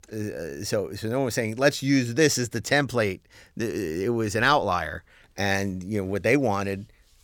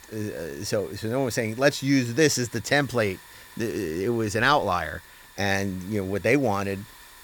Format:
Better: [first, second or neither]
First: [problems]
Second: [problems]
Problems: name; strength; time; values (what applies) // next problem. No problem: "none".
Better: first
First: none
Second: hiss; faint; throughout; 20 dB below the speech